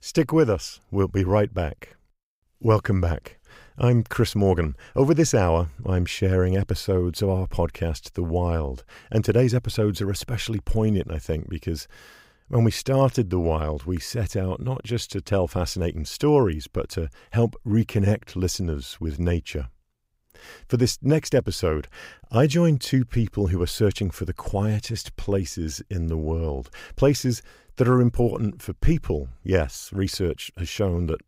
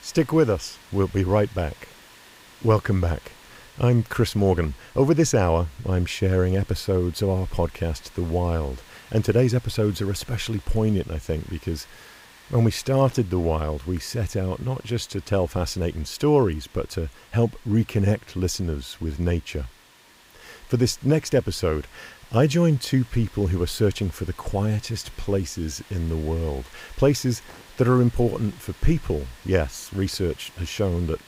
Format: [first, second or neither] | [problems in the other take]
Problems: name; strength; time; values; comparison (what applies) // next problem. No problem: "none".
first | hiss; faint; throughout; 25 dB below the speech